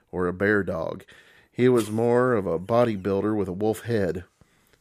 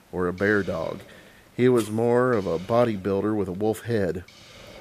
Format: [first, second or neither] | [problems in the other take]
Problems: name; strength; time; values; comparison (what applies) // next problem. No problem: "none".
first | hiss; faint; throughout; 25 dB below the speech